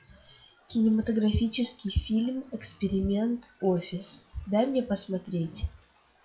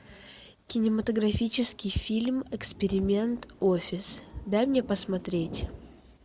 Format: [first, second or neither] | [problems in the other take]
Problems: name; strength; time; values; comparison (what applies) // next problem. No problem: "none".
second | noise reduction (classical method WPE with log-MMSE)